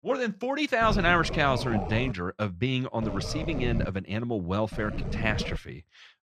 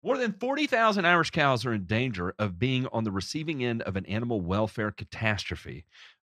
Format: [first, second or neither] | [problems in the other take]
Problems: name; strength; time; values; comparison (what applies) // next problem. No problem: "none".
second | low rumble; noticeable; from 1 to 2 s, at 3 s and at 4.5 s; 10 dB below the speech